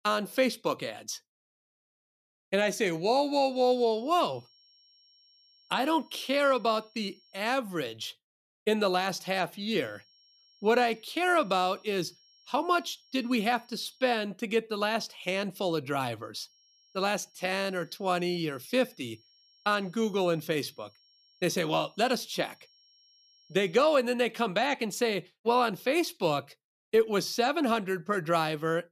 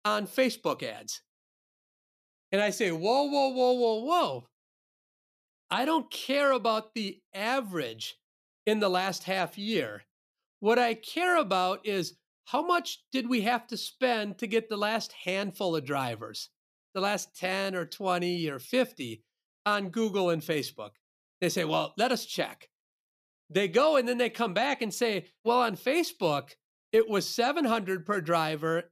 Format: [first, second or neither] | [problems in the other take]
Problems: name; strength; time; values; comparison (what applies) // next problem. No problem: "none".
second | high-pitched whine; faint; from 3.5 to 7.5 s, from 10 to 14 s and from 16 to 24 s; 5.5 kHz, 30 dB below the speech